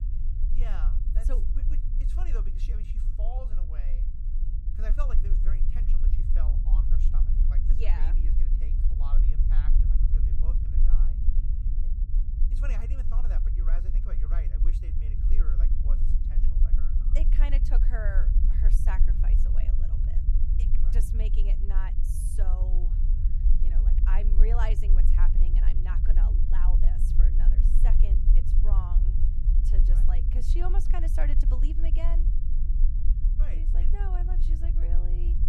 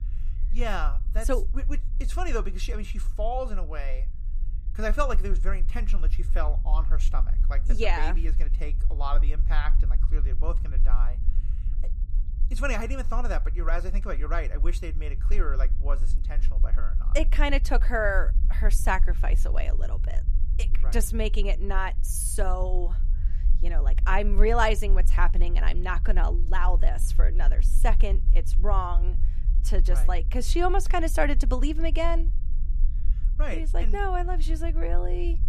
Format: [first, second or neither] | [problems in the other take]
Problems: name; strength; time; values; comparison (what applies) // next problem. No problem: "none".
second | low rumble; loud; throughout; 4 dB below the speech; faint in the second